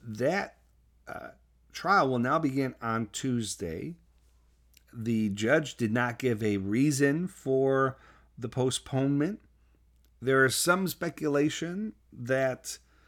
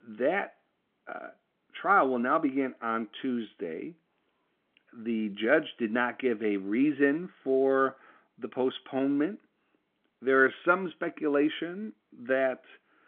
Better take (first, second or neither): first